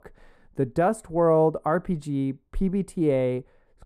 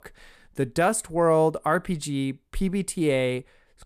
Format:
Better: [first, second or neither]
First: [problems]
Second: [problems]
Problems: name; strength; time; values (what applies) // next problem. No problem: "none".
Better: second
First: muffled; slightly; fading above 1.5 kHz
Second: none